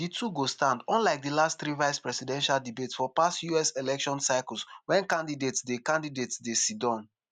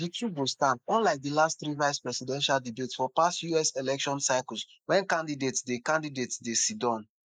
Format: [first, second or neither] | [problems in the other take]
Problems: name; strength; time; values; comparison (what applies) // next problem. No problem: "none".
first | noise reduction (neural mask model Resemble Enhance denoiser)